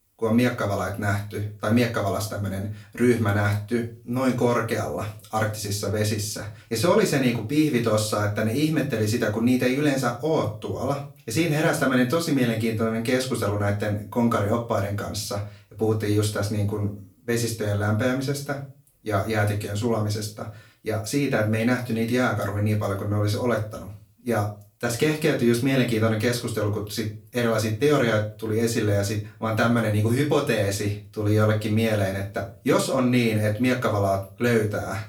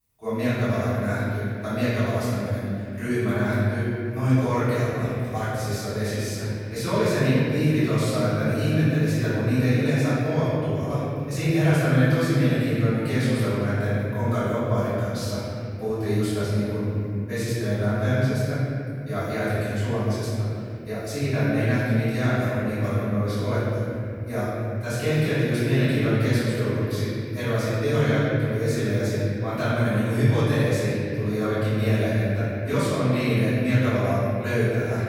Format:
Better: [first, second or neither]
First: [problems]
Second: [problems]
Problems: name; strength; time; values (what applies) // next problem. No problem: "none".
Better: first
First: room echo; slight; dies away in 0.3 s // off-mic speech; far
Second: room echo; strong; dies away in 3 s // off-mic speech; far